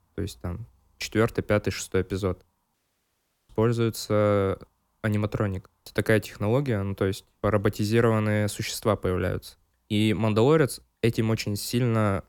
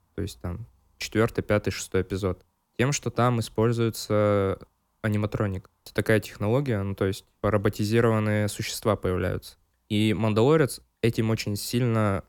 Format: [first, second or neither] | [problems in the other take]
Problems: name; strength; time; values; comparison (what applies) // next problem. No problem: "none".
second | audio cutting out; at 2.5 s for 1 s